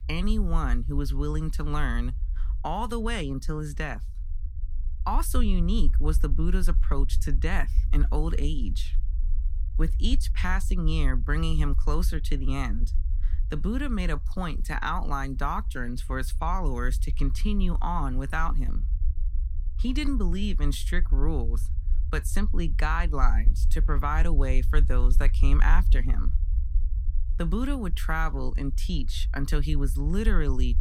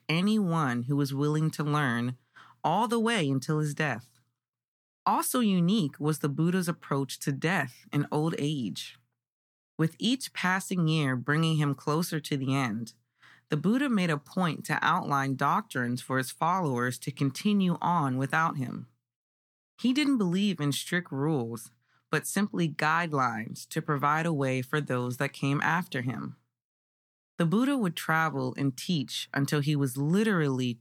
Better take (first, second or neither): second